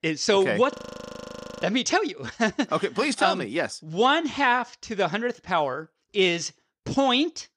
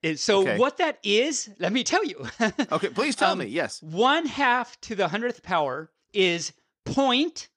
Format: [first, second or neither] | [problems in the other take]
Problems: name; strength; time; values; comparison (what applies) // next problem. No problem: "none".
second | audio freezing; at 0.5 s for 1 s